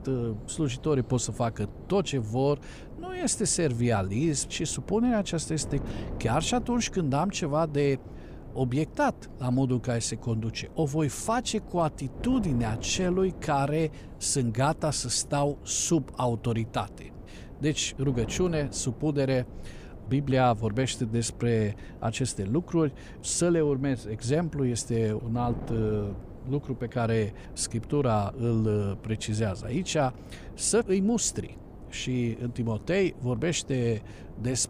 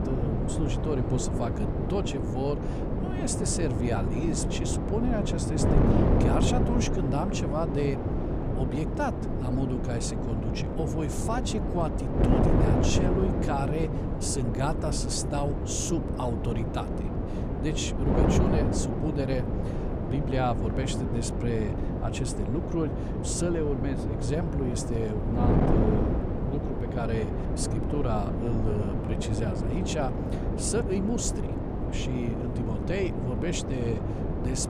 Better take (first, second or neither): first